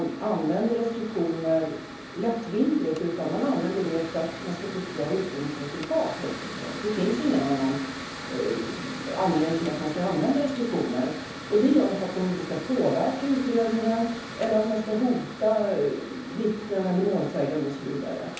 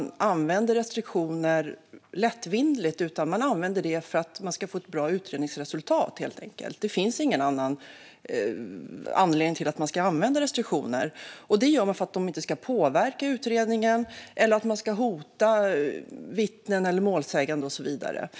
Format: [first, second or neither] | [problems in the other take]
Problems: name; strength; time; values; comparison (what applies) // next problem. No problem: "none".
second | background sound (Mechanical fan); 12 dB below the speech // room echo; dies away in 0.7 s